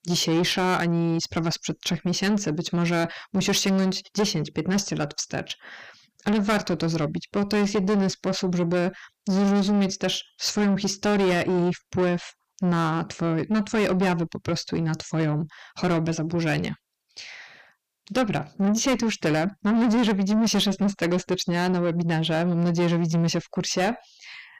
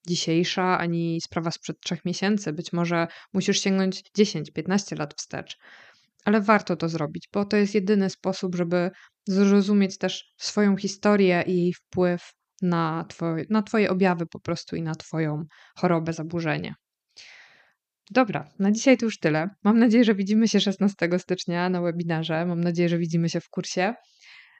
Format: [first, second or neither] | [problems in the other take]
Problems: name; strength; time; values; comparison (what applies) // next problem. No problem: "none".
second | distortion; heavy; 7 dB below the speech